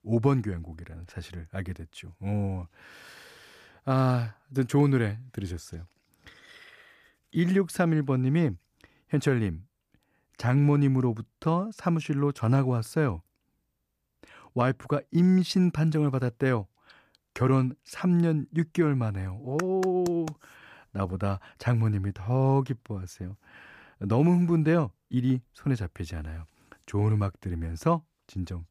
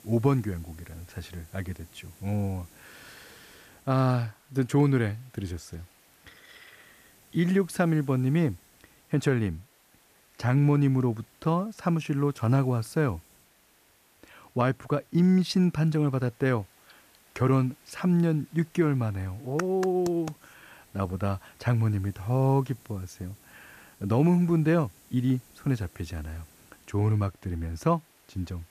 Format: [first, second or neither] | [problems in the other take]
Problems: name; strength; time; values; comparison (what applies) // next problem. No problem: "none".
first | hiss; faint; throughout; 30 dB below the speech